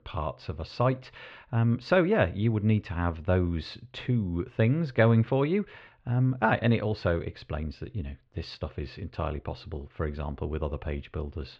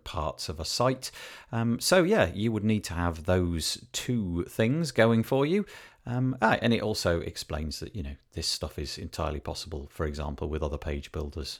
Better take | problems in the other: second | muffled; slightly; fading above 3 kHz

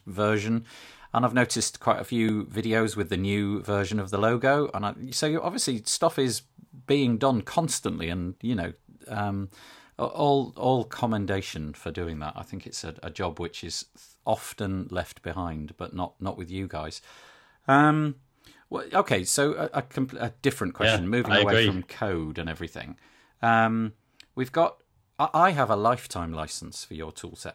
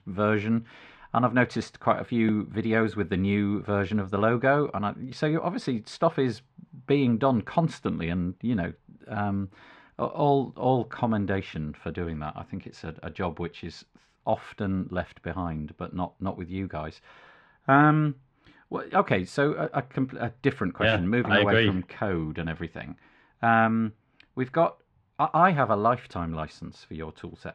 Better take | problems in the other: first | muffled; slightly; fading above 2 kHz

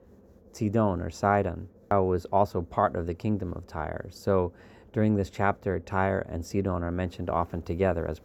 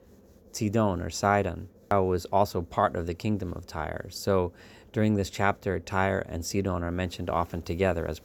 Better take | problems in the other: second | muffled; slightly; fading above 2 kHz

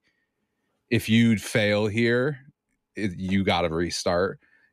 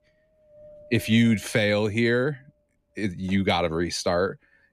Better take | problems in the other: first | wind noise on the microphone; occasional gusts; 25 dB below the speech

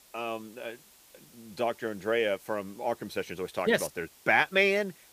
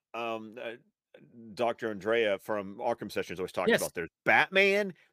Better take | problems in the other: second | hiss; faint; throughout; 25 dB below the speech

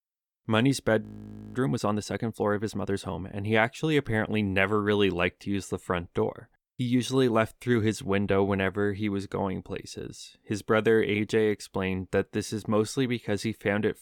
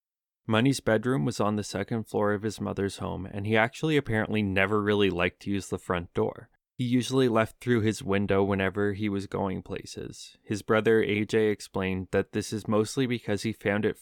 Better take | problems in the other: second | audio freezing; at 1 s for 0.5 s

